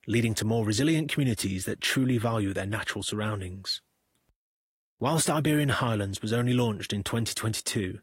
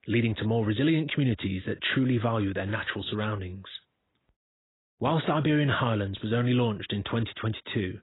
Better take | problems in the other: first | garbled, watery; badly; nothing above 4 kHz; slightly in the first

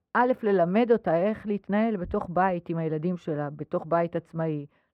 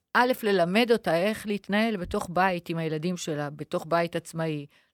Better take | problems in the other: second | muffled; very; fading above 3 kHz

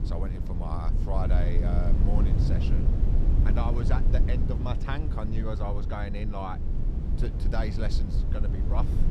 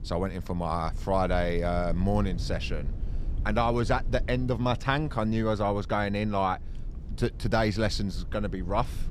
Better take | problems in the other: second | low rumble; loud; throughout; 4 dB below the speech; faint in the second

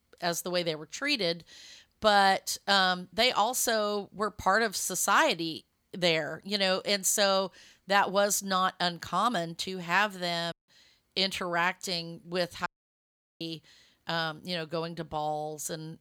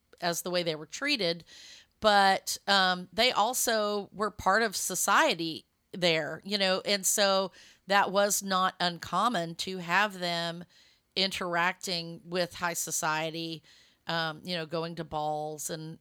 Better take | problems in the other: second | audio cutting out; at 11 s and at 13 s for 1 s

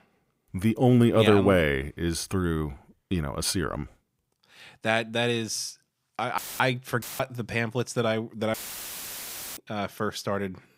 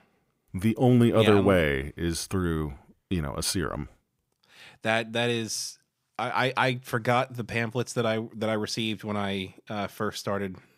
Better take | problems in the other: second | audio cutting out; filled with static; at 6.5 s, at 7 s and at 8.5 s for 1 s

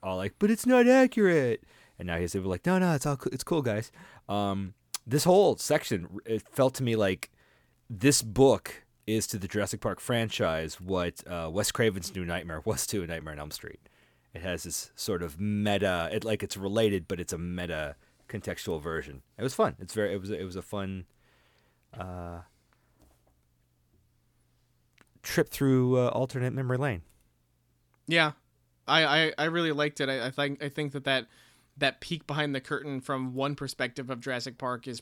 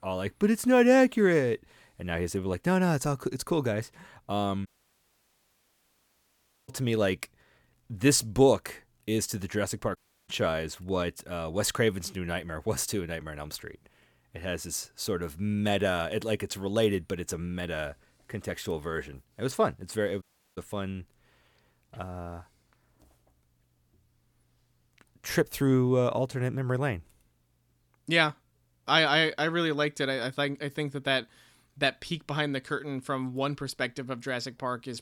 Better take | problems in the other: first | audio cutting out; at 4.5 s for 2 s, at 10 s and at 20 s

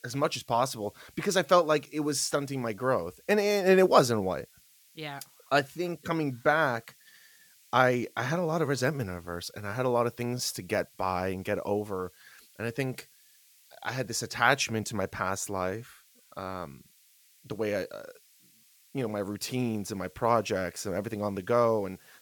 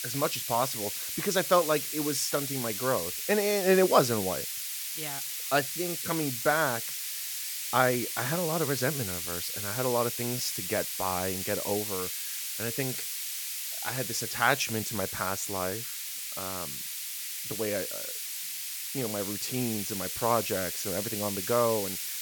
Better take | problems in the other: first | hiss; loud; throughout; 2 dB below the speech; faint in the first

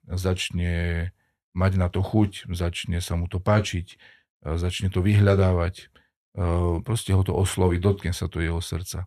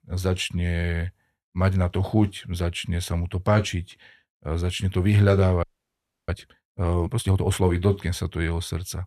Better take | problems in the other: first | audio freezing; at 5.5 s for 0.5 s

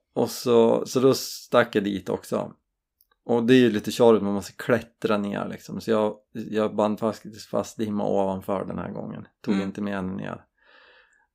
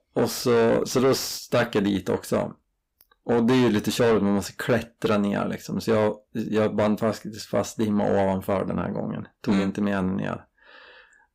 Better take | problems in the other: first | distortion; heavy; 6 dB below the speech

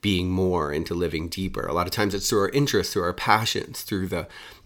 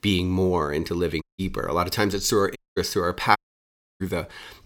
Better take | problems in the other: first | audio cutting out; at 1 s, at 2.5 s and at 3.5 s for 0.5 s

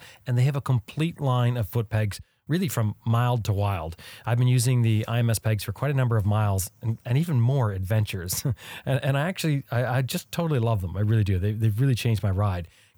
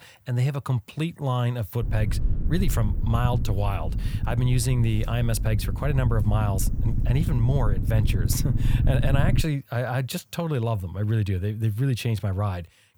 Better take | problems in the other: first | low rumble; loud; from 2 to 9.5 s; 9 dB below the speech

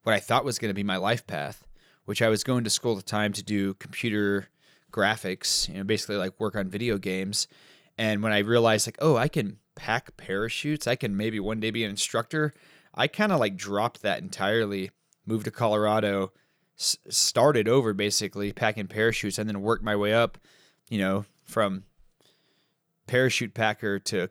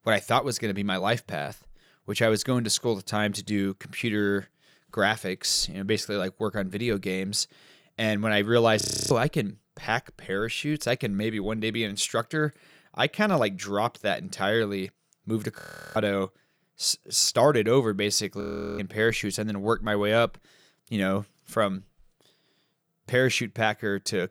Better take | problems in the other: first | audio freezing; at 9 s, at 16 s and at 18 s

